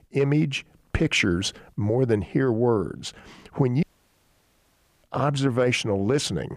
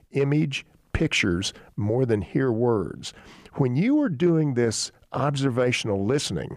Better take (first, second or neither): second